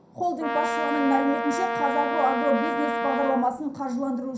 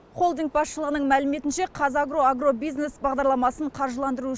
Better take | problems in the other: second | background sound (Brass instrument); 2 dB below the speech // room echo; dies away in 0.5 s

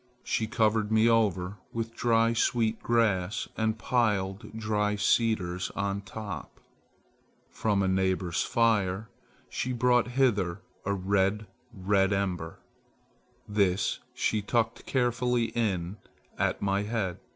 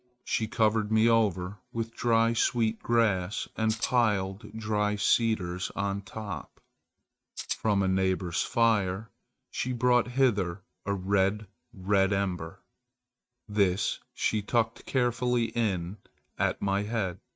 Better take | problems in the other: first | noise reduction (neural mask model RNNoise)

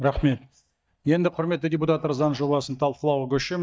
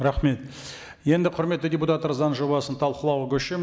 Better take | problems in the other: second | noise reduction (neural mask model DeepFilterNet 3)

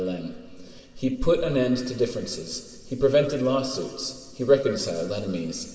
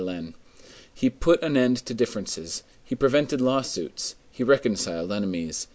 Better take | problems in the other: second | room echo; dies away in 2.1 s

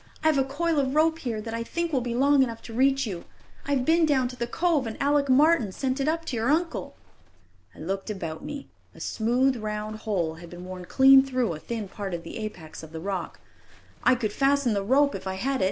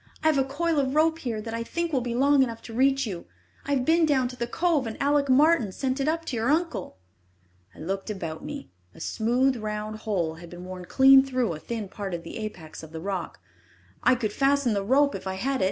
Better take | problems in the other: second | background sound (Livestock, farm animals, working animals); 20 dB below the speech

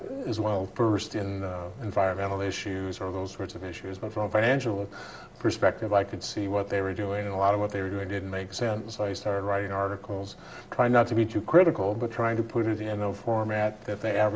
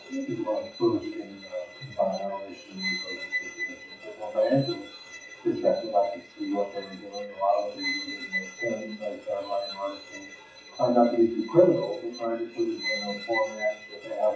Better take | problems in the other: first | noise reduction (classical method WPE with log-MMSE)

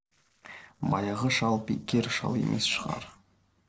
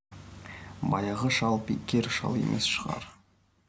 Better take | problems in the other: second | noise reduction (neural separator model SepFormer DNS4)

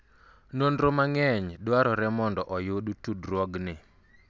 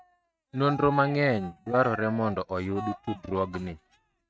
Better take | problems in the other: first | noise reduction (neural mask model RNNoise)

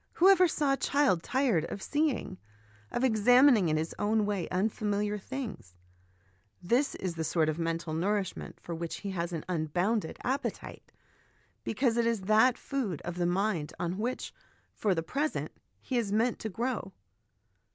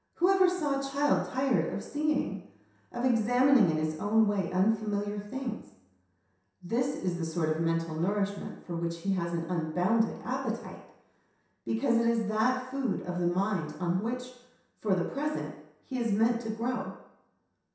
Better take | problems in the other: first | room echo; dies away in 0.7 s

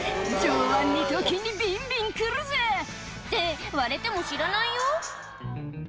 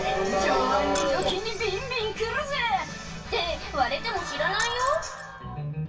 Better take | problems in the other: first | background sound (Keys jangling); 14 dB below the speech // room echo; dies away in 0.2 s

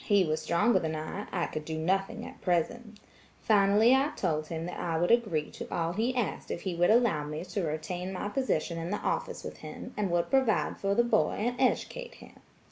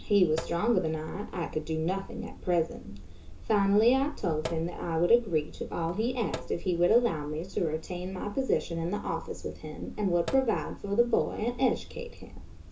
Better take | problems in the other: first | background sound (Sink (filling or washing)); 12 dB below the speech // room echo; dies away in 0.2 s

